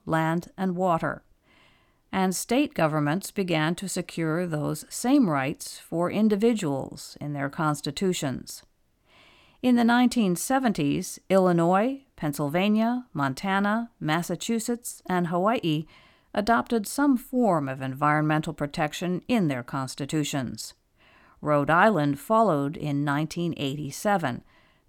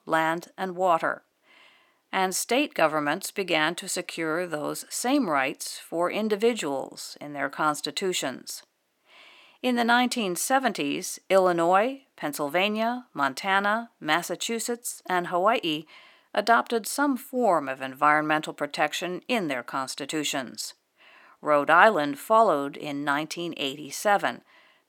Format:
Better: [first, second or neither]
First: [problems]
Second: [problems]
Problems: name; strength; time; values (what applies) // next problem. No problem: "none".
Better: first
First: none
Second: thin; somewhat; fading below 400 Hz